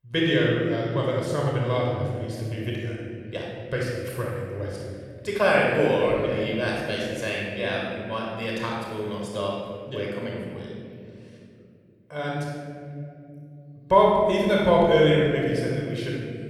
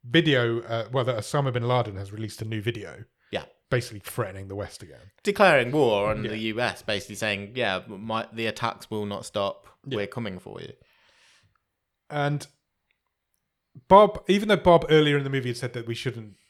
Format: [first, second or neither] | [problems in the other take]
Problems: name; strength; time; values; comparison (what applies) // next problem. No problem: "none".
second | room echo; strong; dies away in 2.6 s // off-mic speech; far